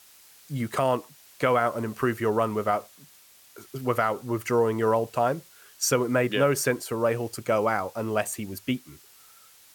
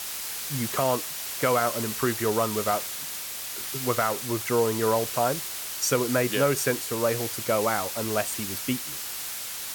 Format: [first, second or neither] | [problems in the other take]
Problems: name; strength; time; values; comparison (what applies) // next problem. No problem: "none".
first | hiss; loud; throughout; 4 dB below the speech; faint in the first